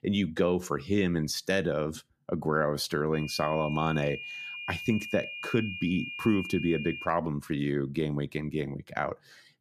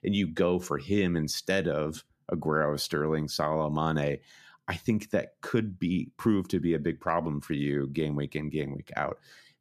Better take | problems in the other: second | high-pitched whine; loud; from 3 to 7 s; 2.5 kHz, 8 dB below the speech

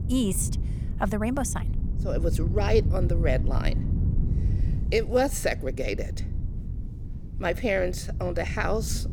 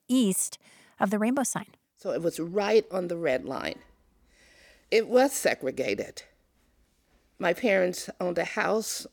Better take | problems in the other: second | wind noise on the microphone; occasional gusts; 15 dB below the speech

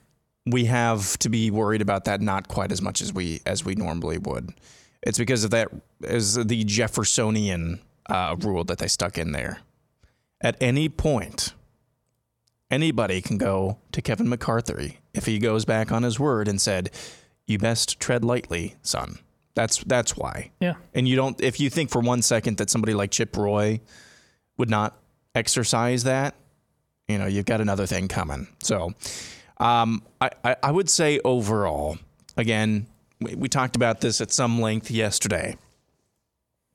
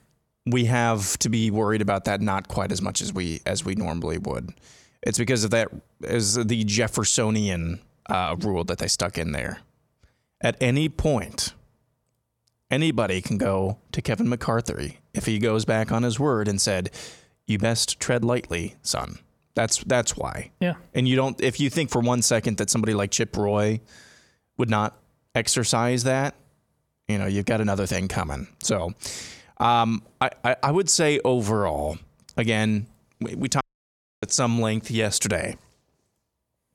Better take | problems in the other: first | audio cutting out; at 34 s for 0.5 s

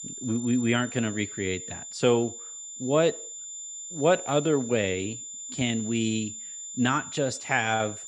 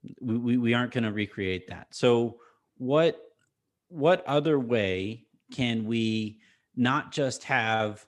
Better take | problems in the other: second | high-pitched whine; loud; throughout; 7 kHz, 10 dB below the speech

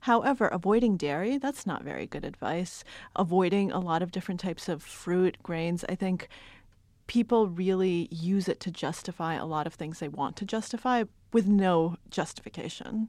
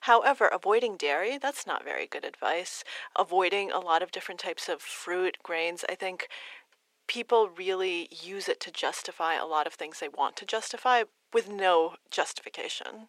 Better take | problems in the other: first | thin; very; fading below 450 Hz

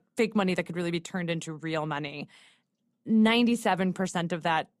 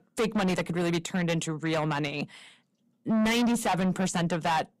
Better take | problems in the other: first | distortion; heavy; 6 dB below the speech

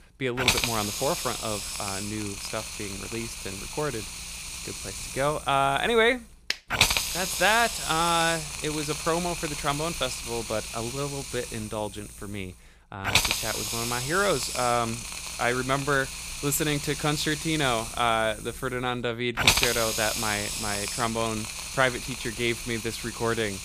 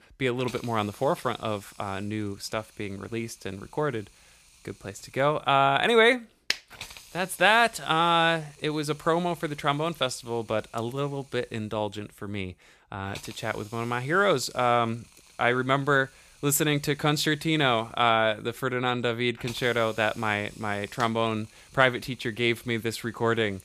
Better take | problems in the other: second | hiss; loud; throughout; 1 dB below the speech; faint in the second

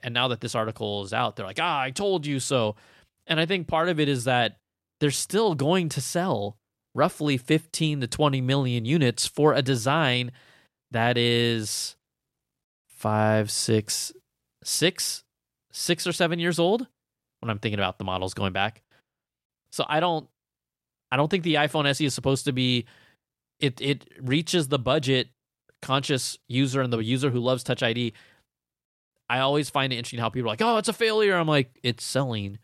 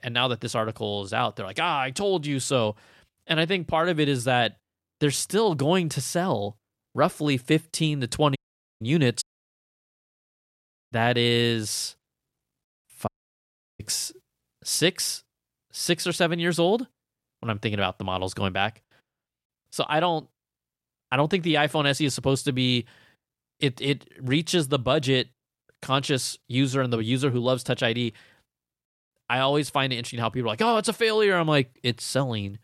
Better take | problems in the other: first | audio cutting out; at 8.5 s, at 9 s for 1.5 s and at 13 s for 0.5 s

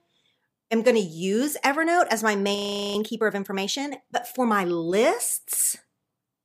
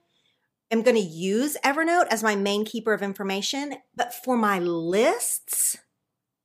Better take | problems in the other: second | audio freezing; at 2.5 s

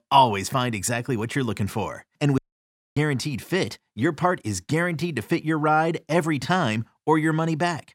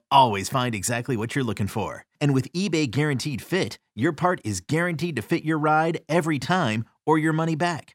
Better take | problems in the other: second | audio cutting out; at 2.5 s for 0.5 s

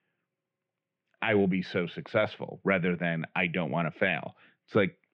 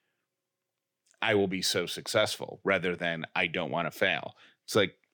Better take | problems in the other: second | muffled; very; fading above 2.5 kHz

